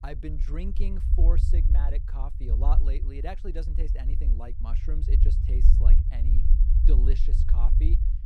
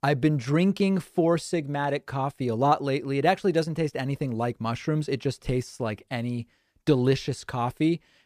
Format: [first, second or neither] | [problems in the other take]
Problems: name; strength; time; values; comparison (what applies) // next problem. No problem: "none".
second | low rumble; loud; throughout; 4 dB below the speech